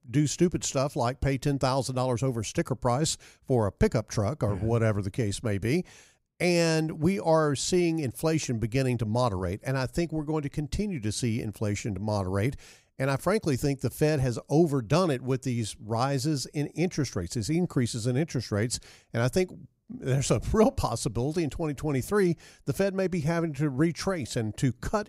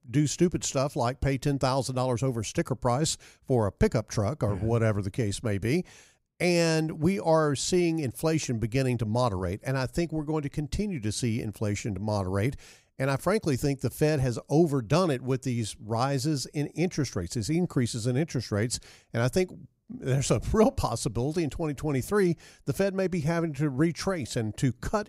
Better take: neither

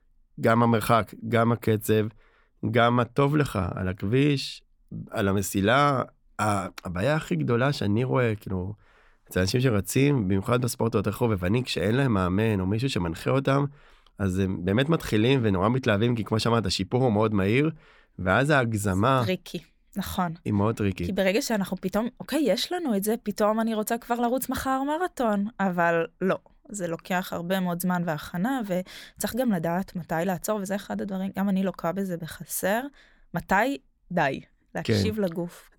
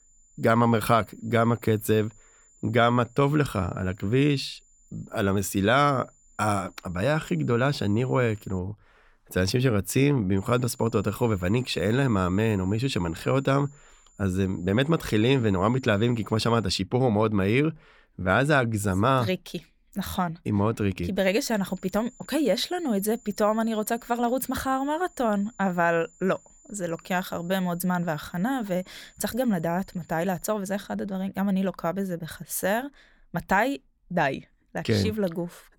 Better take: first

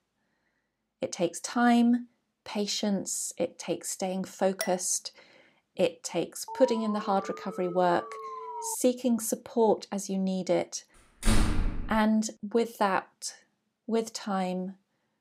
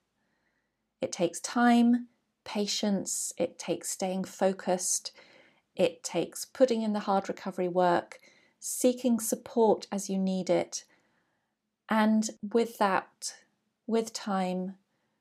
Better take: second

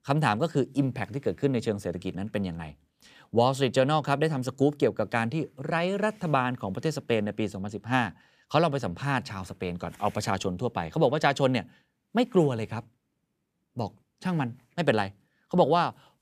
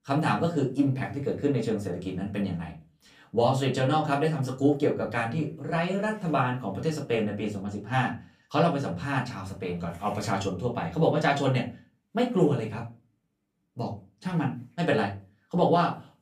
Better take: first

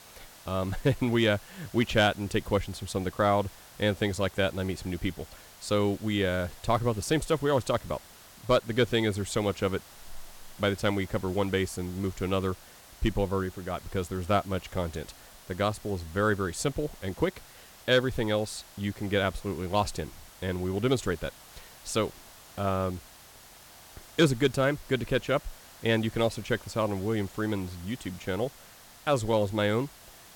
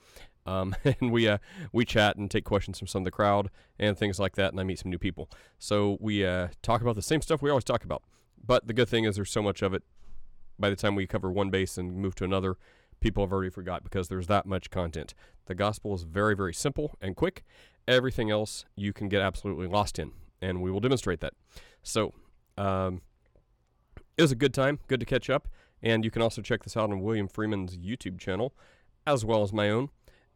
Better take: second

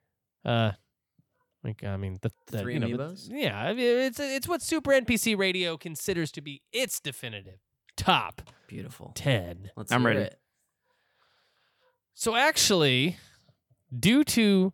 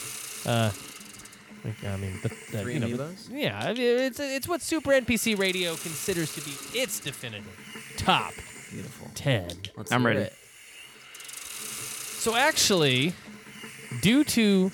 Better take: first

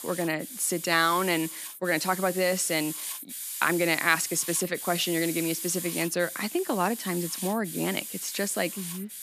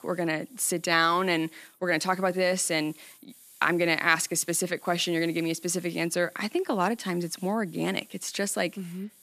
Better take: second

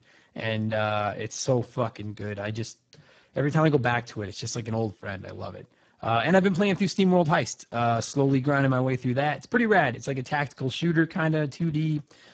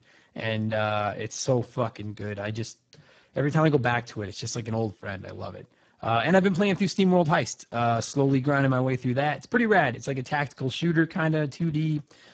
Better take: neither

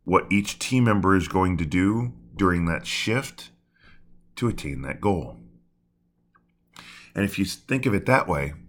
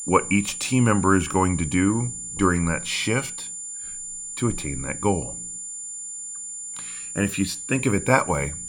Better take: first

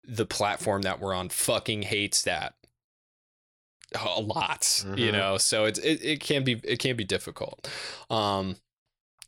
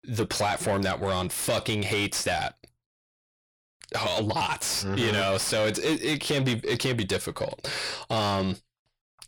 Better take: first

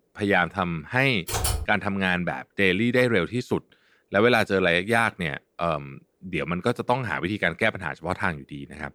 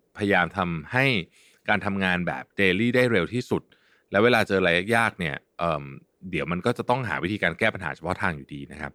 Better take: second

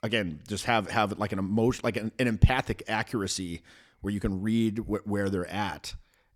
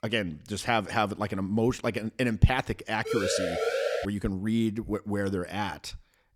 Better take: first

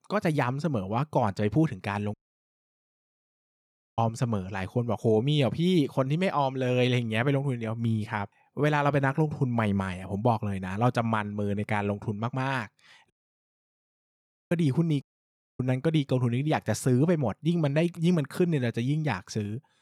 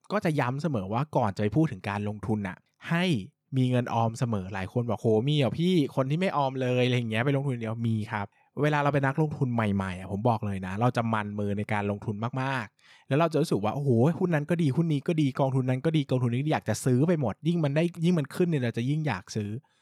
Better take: second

